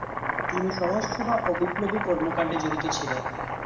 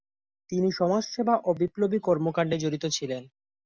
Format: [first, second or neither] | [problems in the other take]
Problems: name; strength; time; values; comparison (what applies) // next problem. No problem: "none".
second | background sound (Domestic sounds, home sounds); 2 dB below the speech // room echo; dies away in 1 s